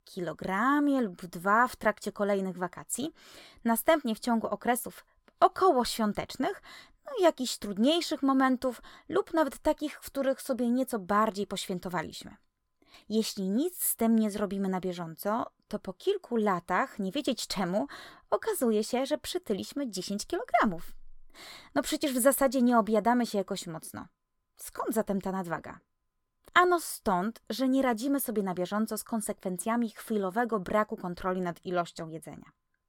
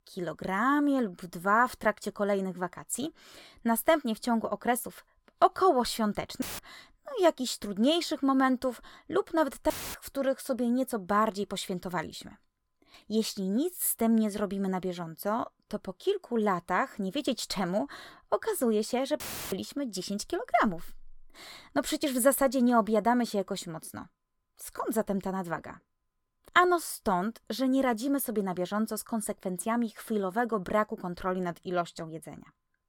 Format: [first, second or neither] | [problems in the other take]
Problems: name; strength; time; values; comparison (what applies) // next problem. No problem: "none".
first | audio cutting out; filled with static; at 6.5 s, at 9.5 s and at 19 s